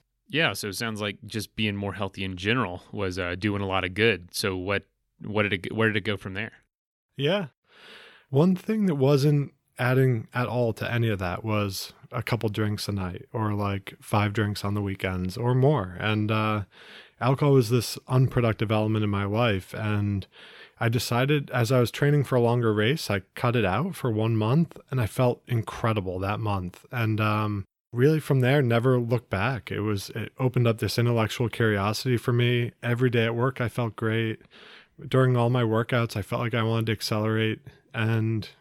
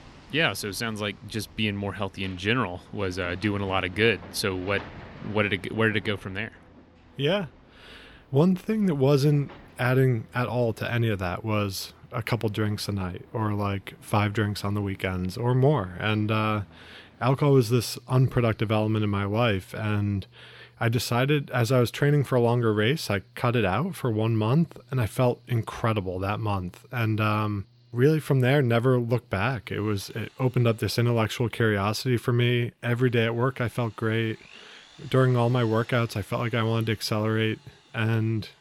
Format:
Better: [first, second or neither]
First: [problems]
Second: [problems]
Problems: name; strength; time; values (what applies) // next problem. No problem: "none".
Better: first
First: none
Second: machinery noise; faint; throughout; 25 dB below the speech